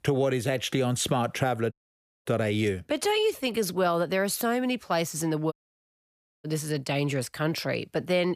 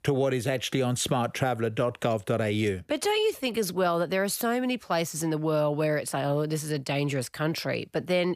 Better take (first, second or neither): second